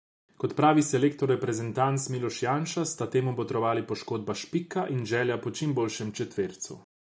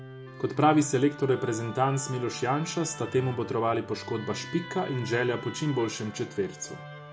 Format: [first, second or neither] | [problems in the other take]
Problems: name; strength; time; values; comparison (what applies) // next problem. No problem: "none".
first | background sound (Musical instrument); 13 dB below the speech